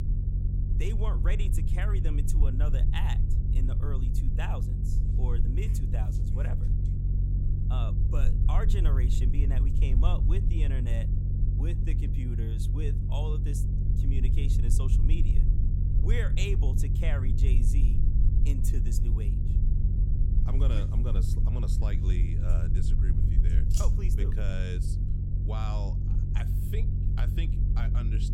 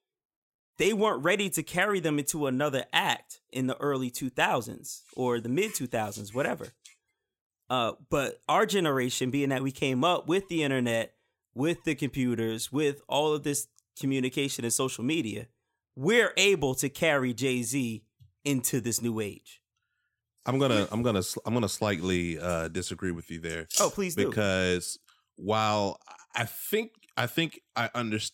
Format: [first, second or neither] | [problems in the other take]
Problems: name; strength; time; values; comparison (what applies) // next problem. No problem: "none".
second | low rumble; loud; throughout; 2 dB below the speech